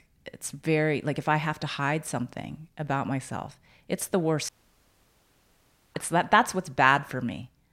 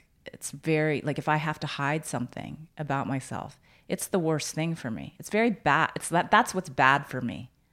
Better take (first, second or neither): second